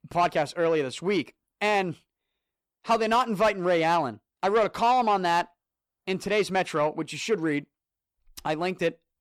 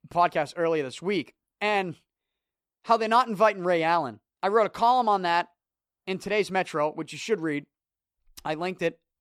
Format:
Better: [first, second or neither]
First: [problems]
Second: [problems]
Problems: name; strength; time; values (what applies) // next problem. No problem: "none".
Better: second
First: distortion; slight; 10 dB below the speech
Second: none